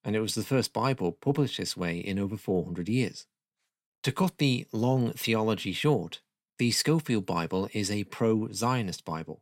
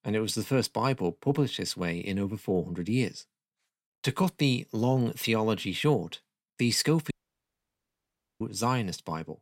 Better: first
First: none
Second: audio cutting out; at 7 s for 1.5 s

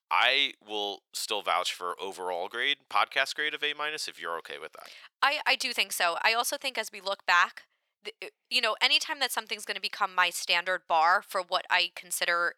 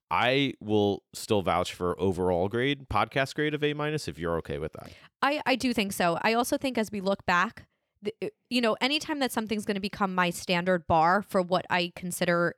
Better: second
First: thin; very; fading below 950 Hz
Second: none

